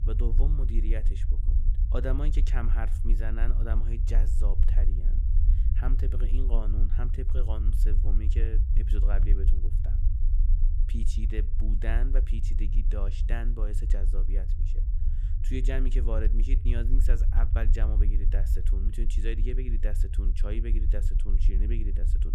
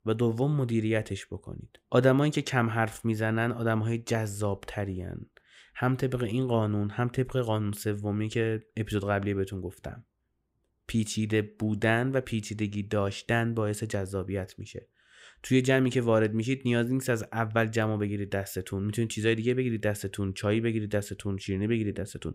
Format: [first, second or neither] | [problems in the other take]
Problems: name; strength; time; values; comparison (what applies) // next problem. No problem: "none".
second | low rumble; loud; throughout; 7 dB below the speech